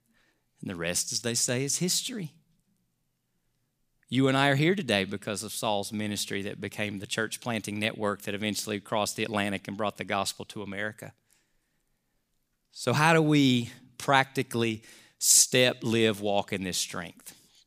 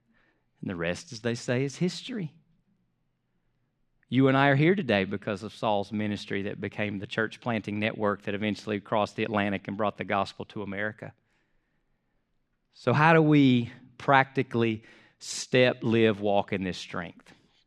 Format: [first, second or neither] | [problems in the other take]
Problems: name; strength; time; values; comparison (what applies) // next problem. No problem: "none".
first | muffled; very; fading above 2.5 kHz